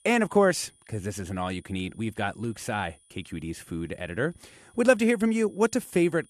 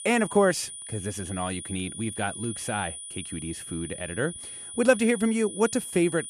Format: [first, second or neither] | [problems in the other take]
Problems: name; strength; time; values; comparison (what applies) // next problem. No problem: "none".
first | high-pitched whine; loud; throughout; 9.5 kHz, 9 dB below the speech; faint in the first